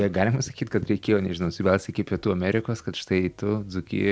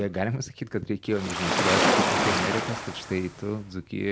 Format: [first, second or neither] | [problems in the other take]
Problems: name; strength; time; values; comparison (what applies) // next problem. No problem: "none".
first | background sound (Waves, surf); 3 dB above the speech